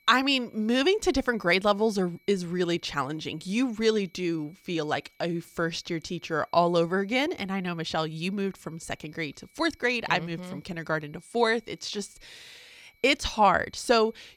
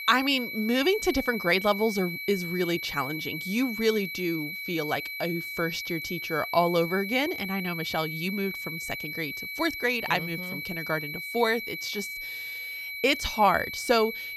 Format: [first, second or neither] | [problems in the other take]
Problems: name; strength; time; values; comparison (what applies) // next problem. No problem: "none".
first | high-pitched whine; loud; throughout; 2.5 kHz, 6 dB below the speech; faint in the first